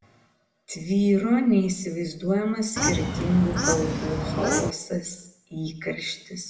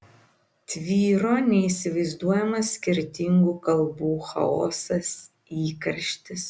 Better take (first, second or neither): second